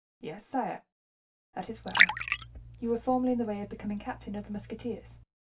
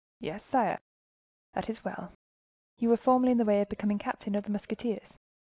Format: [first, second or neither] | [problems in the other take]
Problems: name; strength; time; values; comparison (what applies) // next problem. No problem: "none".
second | background sound (Liquid); 2 dB above the speech // room echo; dies away in 0.2 s